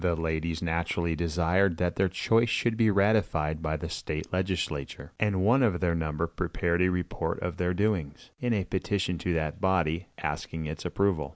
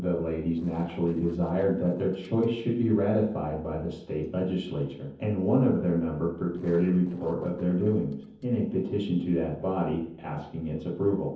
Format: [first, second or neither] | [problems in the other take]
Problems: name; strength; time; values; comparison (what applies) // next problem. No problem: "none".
first | noise reduction (neural separator model SepFormer DNS4)